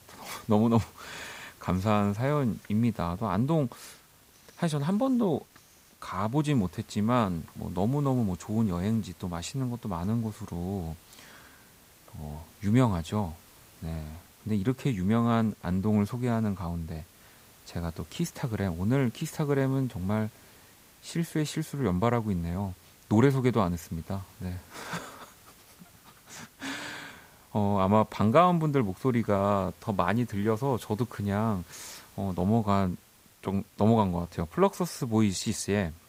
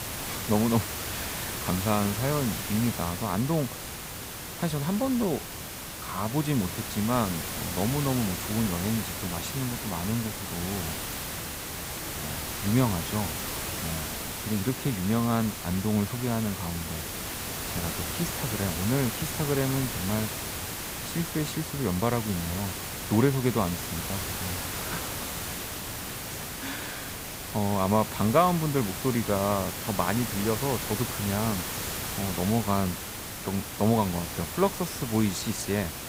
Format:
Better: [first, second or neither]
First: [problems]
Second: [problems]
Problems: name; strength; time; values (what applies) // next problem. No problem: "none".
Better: first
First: hiss; faint; throughout; 25 dB below the speech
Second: hiss; loud; throughout; 4 dB below the speech